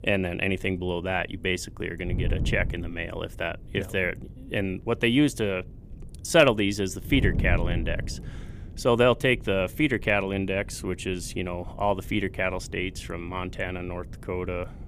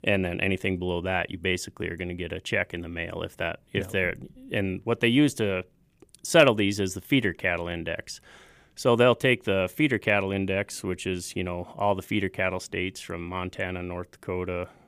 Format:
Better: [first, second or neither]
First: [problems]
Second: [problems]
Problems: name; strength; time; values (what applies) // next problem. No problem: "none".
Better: second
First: wind noise on the microphone; occasional gusts; 20 dB below the speech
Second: none